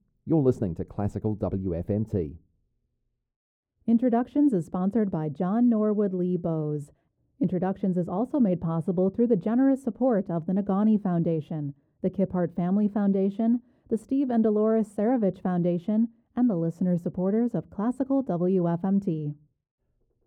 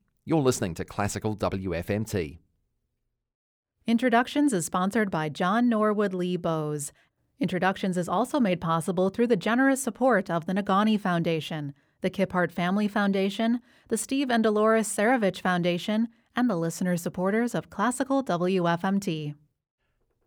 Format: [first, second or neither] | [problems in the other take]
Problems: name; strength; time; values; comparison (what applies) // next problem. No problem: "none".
second | muffled; very; fading above 1 kHz